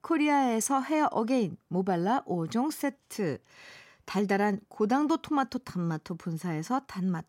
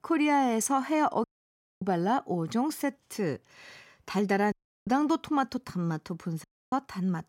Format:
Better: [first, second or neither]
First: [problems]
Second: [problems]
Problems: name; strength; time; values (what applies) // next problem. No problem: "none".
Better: first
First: none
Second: audio cutting out; at 1 s for 0.5 s, at 4.5 s and at 6.5 s